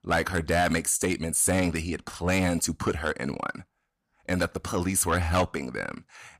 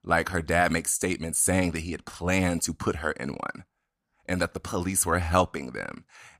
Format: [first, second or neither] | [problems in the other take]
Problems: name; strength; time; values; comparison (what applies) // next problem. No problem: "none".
second | distortion; slight; 10 dB below the speech